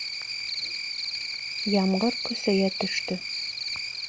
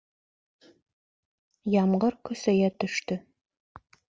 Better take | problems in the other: second | background sound (Cricket); 3 dB below the speech

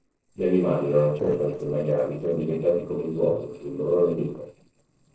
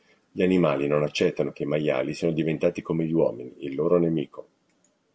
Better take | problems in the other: second | noise reduction (neural separator model SepFormer DNS4)

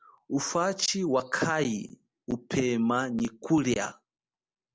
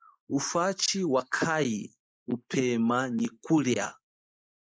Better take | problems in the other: first | noise reduction (neural mask model Resemble Enhance denoiser)

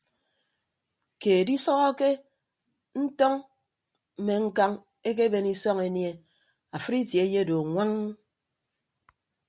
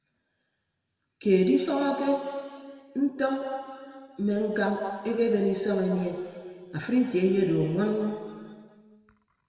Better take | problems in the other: first | room echo; dies away in 2.4 s

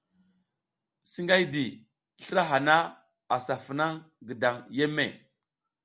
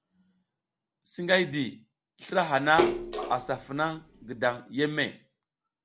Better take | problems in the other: first | background sound (Splash, splatter); 2 dB below the speech

